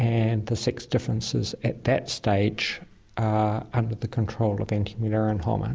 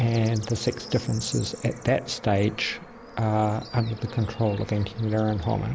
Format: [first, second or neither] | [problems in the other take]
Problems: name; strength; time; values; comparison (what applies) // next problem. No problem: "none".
first | background sound (Bird / Insect / Frog); 16 dB below the speech